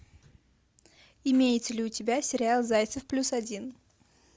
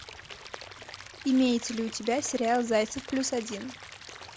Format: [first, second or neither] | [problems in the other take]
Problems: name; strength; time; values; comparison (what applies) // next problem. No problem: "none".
first | background sound (Stream / Liquid); 15 dB below the speech